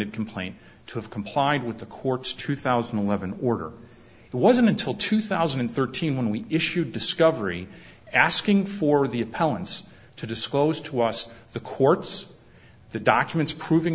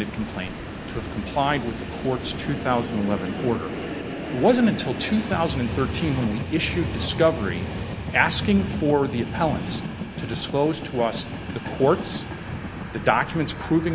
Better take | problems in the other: first | background sound (Train); 6 dB below the speech

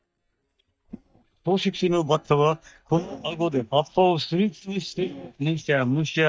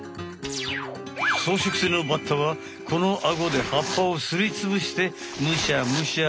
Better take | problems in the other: second | noise reduction (neural mask model DeepFilterNet 3)

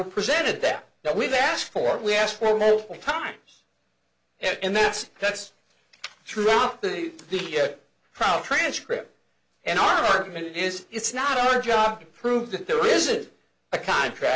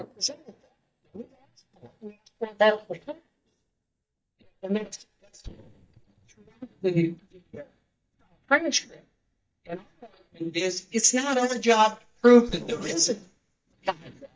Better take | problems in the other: first | noise reduction (neural mask model DeepFilterNet 3)

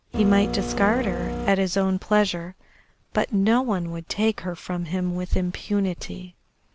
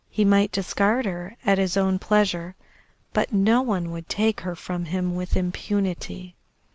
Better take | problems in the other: second | background sound (Printer); 4 dB below the speech

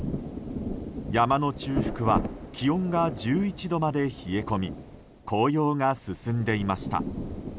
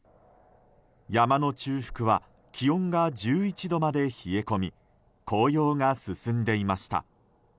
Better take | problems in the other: second | background sound (Rain); 7 dB below the speech

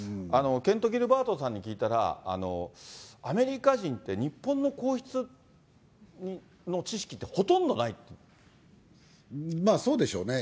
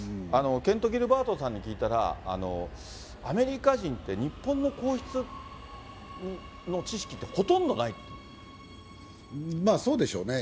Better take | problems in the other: first | background sound (Subway, metro, underground); 15 dB below the speech

